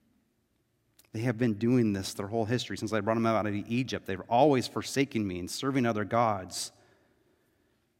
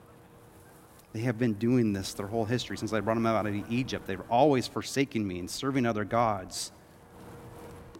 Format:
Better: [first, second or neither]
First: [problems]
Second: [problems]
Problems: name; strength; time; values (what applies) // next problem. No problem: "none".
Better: first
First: none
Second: wind noise on the microphone; occasional gusts; 20 dB below the speech